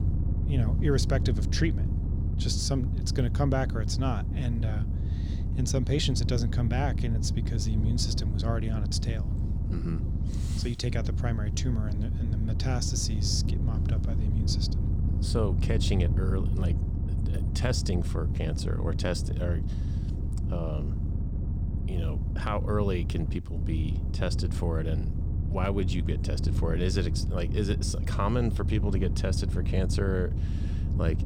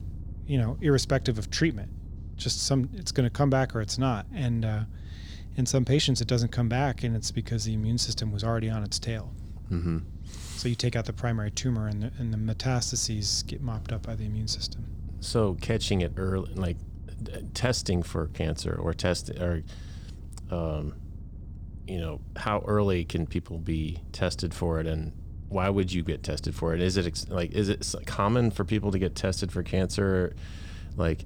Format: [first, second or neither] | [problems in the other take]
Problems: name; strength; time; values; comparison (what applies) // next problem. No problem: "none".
second | low rumble; loud; throughout; 8 dB below the speech; faint in the second